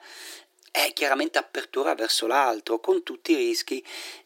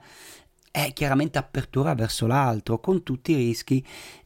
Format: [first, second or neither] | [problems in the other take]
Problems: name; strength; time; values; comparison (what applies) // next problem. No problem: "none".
second | thin; very; fading below 300 Hz